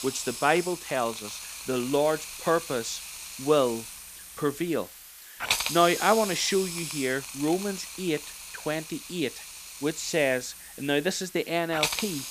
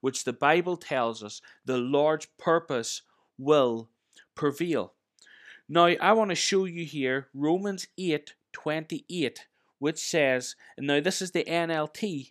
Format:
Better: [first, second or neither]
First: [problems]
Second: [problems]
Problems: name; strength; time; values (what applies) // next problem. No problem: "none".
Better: second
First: hiss; loud; throughout; 7 dB below the speech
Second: none